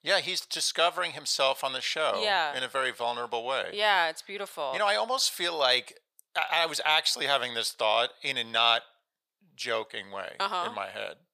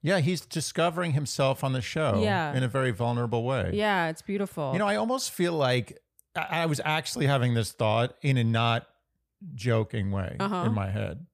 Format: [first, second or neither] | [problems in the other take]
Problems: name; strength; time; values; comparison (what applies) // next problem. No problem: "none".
second | thin; very; fading below 750 Hz